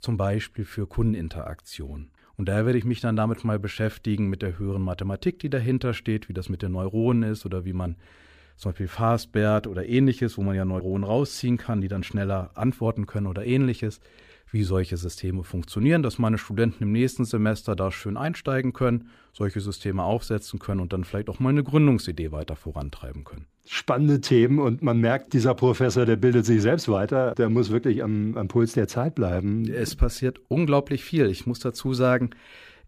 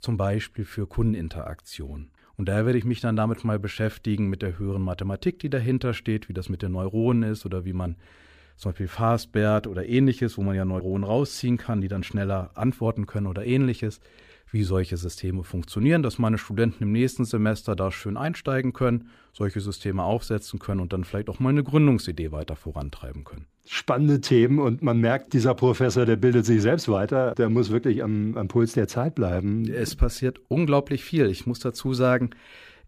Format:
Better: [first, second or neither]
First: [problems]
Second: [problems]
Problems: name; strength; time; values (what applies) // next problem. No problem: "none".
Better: neither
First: none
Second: none